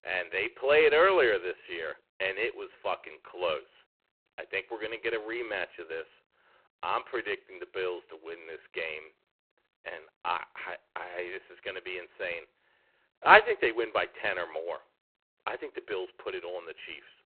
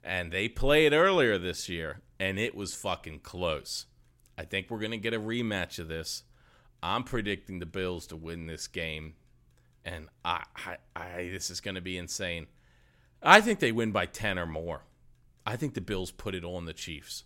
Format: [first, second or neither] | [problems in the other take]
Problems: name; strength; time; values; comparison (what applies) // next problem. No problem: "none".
second | phone-call audio; poor line; nothing above 4 kHz